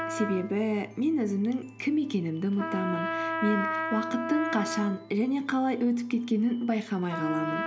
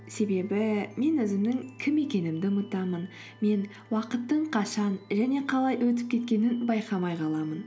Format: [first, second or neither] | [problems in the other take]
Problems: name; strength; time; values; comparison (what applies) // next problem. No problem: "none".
second | background sound (Trumpet); 7 dB below the speech